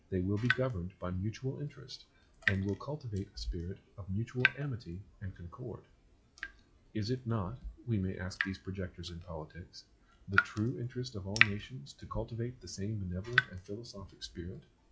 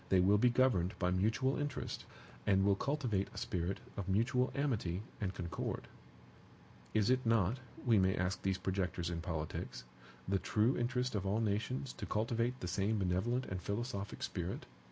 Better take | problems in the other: second | noise reduction (classical method log-MMSE)

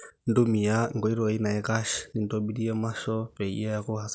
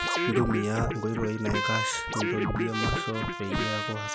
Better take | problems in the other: first | background sound (Scratching (performance technique) + Trumpet); 1 dB above the speech

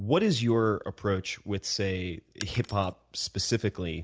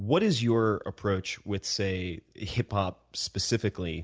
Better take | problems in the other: second | background sound (Shatter); 20 dB below the speech

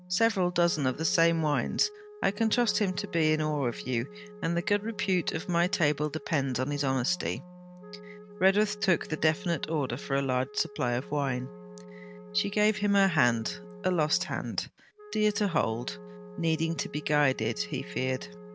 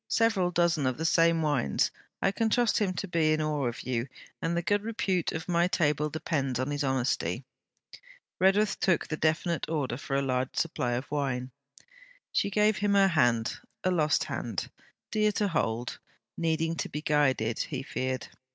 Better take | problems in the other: second | background sound (Wind instrument, woodwind instrument + Wind instrument, woodwind instrument); 16 dB below the speech

